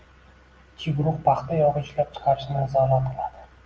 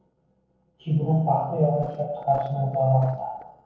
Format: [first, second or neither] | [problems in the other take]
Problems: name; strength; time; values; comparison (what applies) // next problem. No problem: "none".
first | noise reduction (neural separator model SepFormer DNS4)